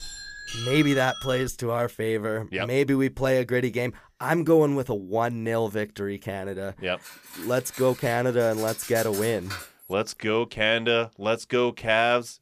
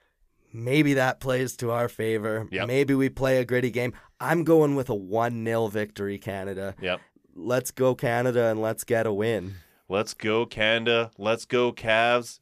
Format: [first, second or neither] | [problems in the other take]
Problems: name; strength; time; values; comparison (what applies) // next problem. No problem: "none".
second | doorbell; noticeable; until 1.5 s; peak 7 dB below the speech // clattering dishes; noticeable; from 7 to 10 s; peak 8 dB below the speech